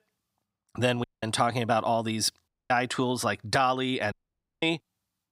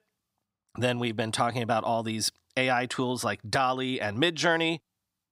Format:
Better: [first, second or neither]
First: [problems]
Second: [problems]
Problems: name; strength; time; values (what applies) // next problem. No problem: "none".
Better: second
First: audio cutting out; at 1 s, at 2.5 s and at 4 s for 0.5 s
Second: none